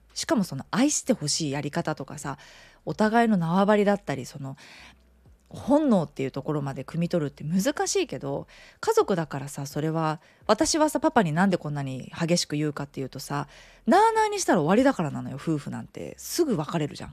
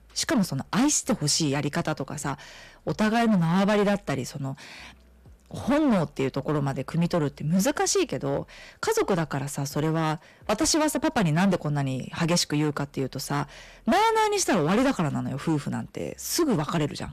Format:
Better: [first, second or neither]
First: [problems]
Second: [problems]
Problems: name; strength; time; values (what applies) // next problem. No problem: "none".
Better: first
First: none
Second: distortion; heavy; 12% of the sound clipped